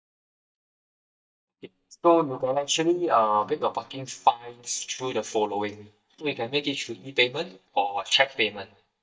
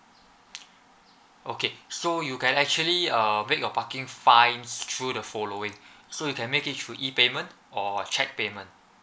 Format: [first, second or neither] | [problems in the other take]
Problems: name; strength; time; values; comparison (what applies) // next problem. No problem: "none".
second | noise reduction (neural mask model DeepFilterNet 3)